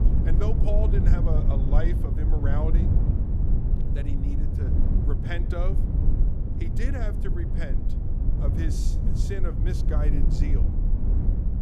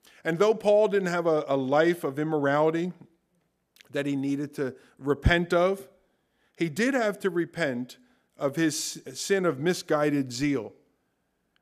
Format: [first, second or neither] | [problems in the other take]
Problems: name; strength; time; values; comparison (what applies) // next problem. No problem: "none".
second | low rumble; loud; throughout; 2 dB below the speech